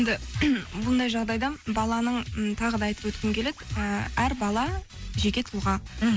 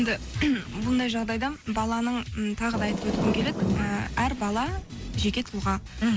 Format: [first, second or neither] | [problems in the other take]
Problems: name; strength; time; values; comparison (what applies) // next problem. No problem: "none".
first | background sound (Thunder / Rain); 7 dB below the speech